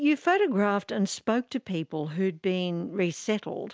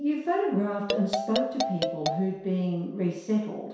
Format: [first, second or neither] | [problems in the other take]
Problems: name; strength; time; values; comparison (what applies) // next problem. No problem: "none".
first | background sound (Marimba, xylophone); 3 dB below the speech // room echo; dies away in 0.7 s